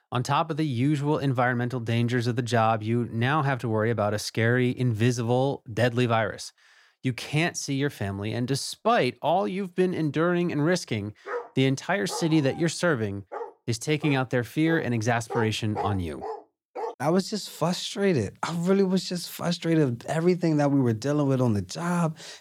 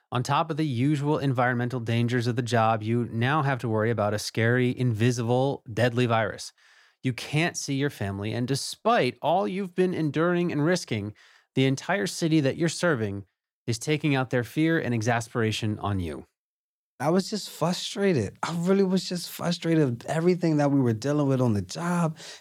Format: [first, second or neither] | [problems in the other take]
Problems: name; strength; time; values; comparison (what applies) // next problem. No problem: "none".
second | dog barking; noticeable; from 11 to 17 s; peak 8 dB below the speech